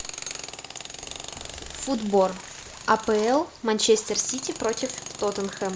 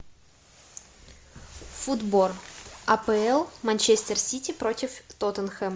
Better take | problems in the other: second | background sound (Tools); 13 dB below the speech

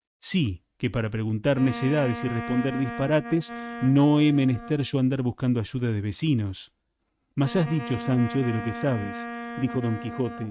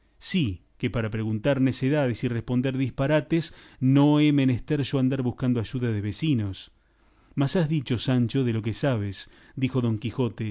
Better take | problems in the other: second | noise reduction (neural mask model RNNoise)

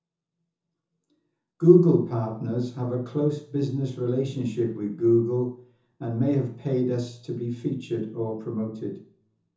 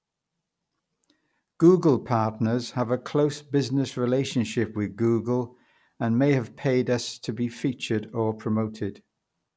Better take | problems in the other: second | room echo; dies away in 0.5 s

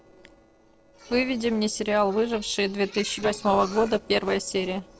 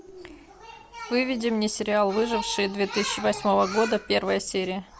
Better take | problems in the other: second | noise reduction (neural separator model SepFormer DNS4)

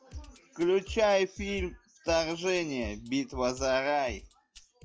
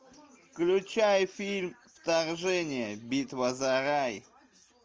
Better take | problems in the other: second | noise reduction (classical method log-MMSE)

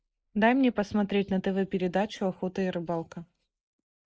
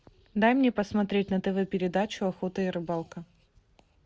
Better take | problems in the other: second | noise reduction (neural mask model Resemble Enhance denoiser)

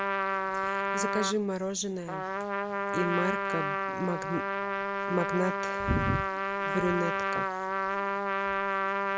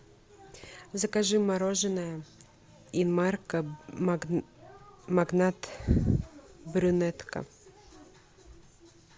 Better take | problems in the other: second | background sound (Trumpet); 3 dB above the speech

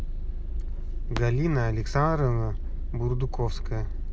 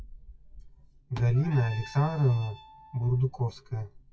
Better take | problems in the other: first | noise reduction (classical method WPE with log-MMSE)

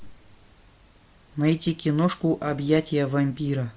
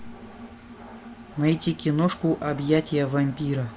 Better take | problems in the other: first | background sound (Engine); 17 dB below the speech

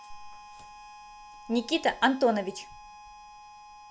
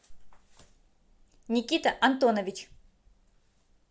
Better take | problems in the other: second | background sound (Harmonica); 17 dB below the speech

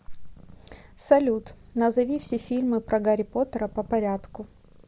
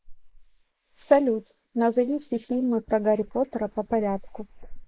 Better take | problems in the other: first | noise reduction (neural mask model Resemble Enhance denoiser)

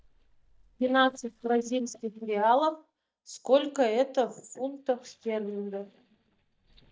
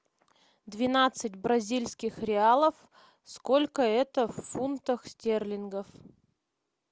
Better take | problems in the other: second | noise reduction (neural mask model DeepFilterNet 3)

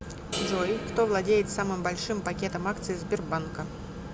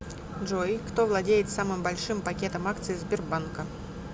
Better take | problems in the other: second | background sound (Crash cymbal); 10 dB below the speech

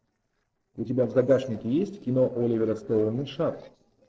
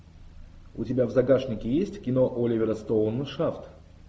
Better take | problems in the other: second | noise reduction (neural separator model SepFormer DNS4)

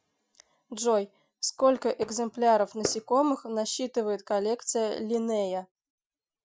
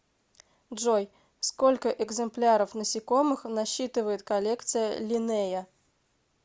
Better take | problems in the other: second | noise reduction (classical method Wiener filter)

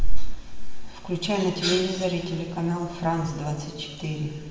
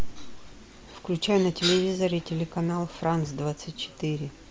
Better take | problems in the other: second | room echo; dies away in 1.4 s

